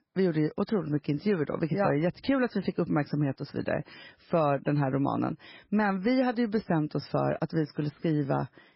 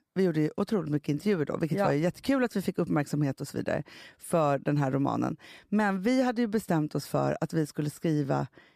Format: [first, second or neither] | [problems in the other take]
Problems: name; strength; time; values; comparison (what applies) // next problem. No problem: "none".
second | garbled, watery; badly; nothing above 5.5 kHz